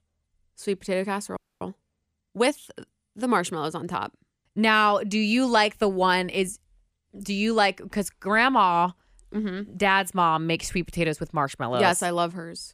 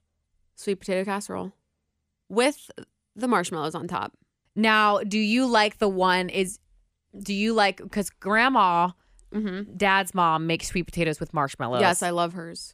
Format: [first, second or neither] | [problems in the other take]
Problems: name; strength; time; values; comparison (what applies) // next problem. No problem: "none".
second | audio freezing; at 1.5 s